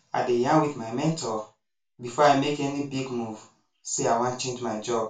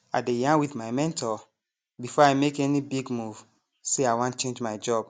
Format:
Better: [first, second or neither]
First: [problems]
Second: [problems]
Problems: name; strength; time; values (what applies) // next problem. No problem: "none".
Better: second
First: room echo; dies away in 0.2 s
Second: none